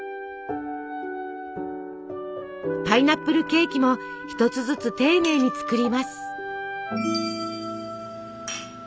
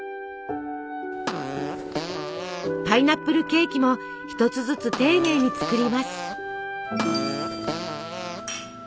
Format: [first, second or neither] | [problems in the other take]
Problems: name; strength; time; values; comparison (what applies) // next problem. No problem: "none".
first | background sound (Fart); 8 dB below the speech